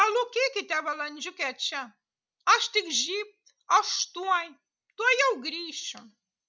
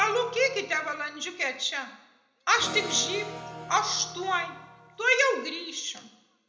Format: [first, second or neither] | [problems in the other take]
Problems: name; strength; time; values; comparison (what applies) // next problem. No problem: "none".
first | background sound (Electric guitar / Acoustic guitar); 15 dB below the speech // room echo; dies away in 0.7 s